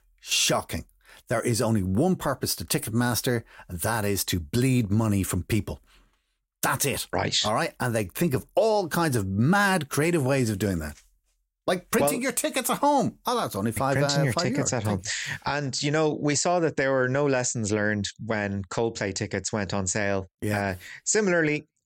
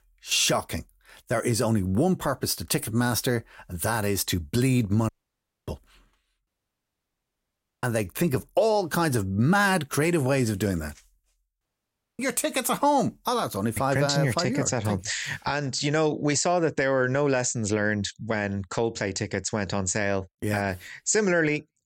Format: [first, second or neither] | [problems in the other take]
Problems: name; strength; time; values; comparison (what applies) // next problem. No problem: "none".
first | audio cutting out; at 5 s for 0.5 s, at 6.5 s for 1.5 s and at 12 s for 0.5 s